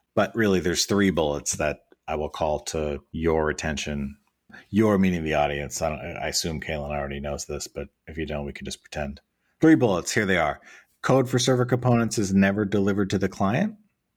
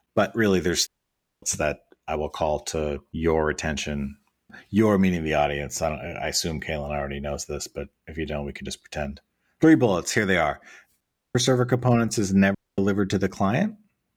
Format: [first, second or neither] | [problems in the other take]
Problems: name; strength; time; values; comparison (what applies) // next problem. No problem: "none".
first | audio cutting out; at 1 s for 0.5 s, at 11 s and at 13 s